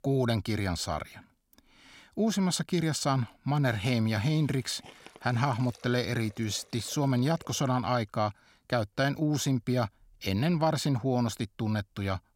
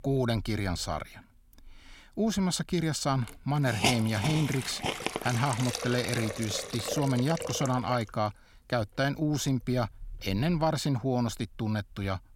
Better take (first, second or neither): first